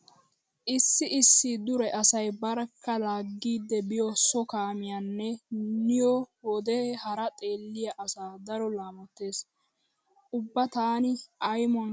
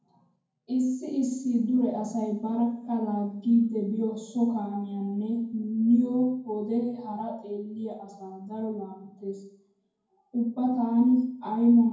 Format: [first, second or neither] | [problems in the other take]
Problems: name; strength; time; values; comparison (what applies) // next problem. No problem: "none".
first | room echo; dies away in 0.9 s